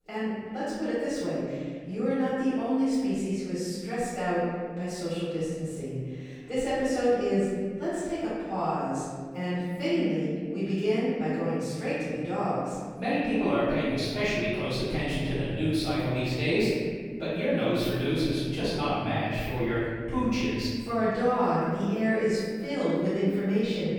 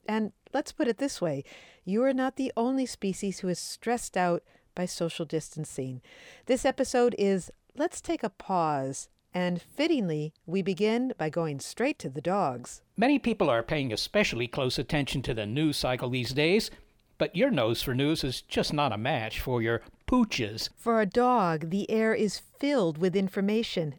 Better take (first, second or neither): second